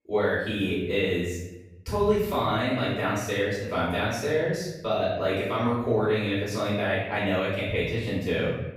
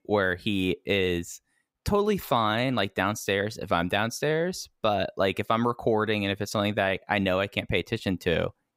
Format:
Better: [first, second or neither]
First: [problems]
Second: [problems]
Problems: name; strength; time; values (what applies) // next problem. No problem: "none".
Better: second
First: off-mic speech; far // room echo; strong; dies away in 0.9 s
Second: none